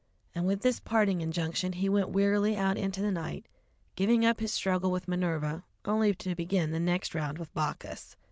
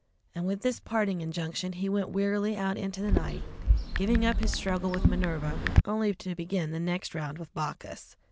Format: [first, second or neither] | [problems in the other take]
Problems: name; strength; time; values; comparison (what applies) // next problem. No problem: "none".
first | background sound (Chatter / Chirp, tweet / Car passing by / Typing); 3 dB above the speech